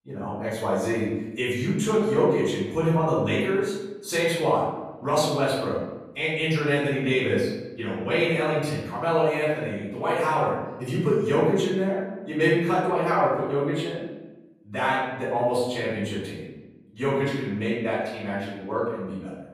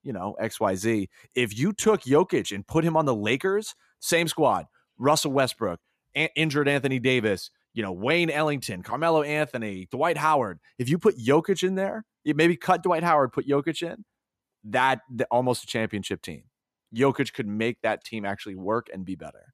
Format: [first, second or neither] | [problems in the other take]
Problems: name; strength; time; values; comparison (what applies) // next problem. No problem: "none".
second | off-mic speech; far // room echo; noticeable; dies away in 1 s